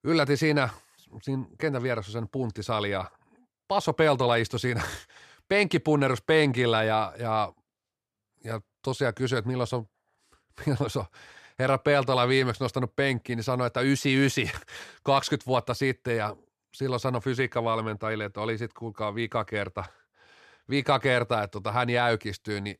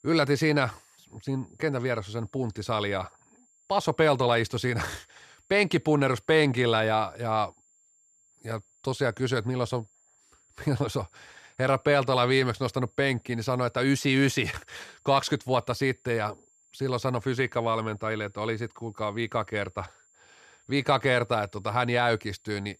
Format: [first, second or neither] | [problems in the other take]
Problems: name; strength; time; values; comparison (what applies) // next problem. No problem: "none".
first | high-pitched whine; faint; throughout; 7.5 kHz, 35 dB below the speech